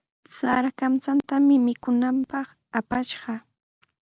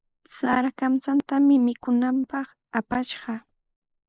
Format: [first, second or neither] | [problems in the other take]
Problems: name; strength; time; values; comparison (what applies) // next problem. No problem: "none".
first | noise reduction (neural mask model Resemble Enhance denoiser)